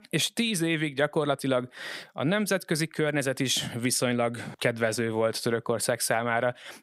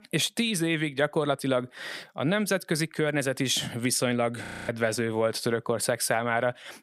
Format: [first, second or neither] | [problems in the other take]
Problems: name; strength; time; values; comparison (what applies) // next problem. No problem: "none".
first | audio freezing; at 4.5 s